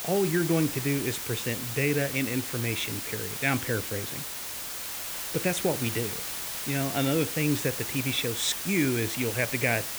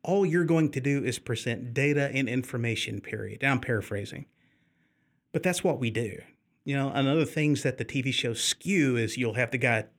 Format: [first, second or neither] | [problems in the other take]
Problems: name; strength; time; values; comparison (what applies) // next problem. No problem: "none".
second | hiss; loud; throughout; 3 dB below the speech